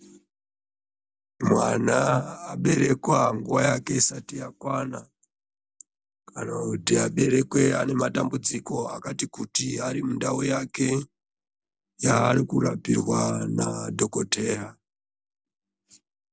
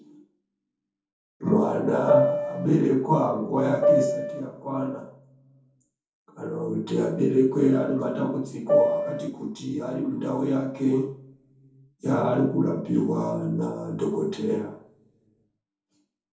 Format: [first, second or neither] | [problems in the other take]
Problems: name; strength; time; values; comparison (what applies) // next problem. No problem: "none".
first | background sound (Piano); 5 dB above the speech // room echo; dies away in 0.6 s